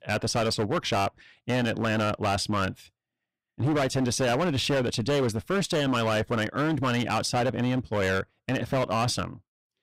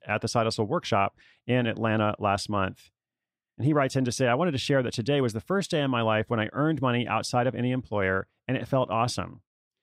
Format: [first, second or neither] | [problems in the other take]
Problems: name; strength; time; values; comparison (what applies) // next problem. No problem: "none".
second | distortion; heavy; 18% of the sound clipped